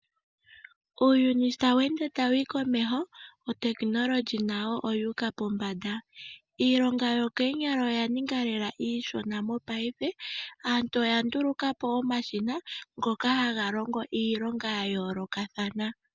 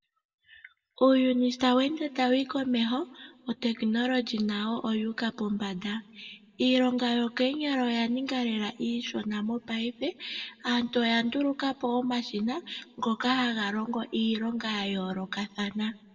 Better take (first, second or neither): first